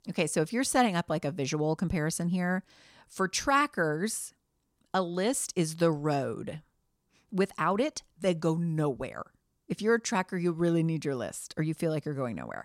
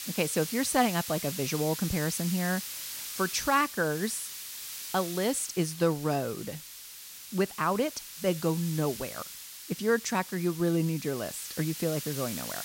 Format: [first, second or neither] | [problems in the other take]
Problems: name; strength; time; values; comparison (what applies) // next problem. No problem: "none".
first | hiss; loud; throughout; 8 dB below the speech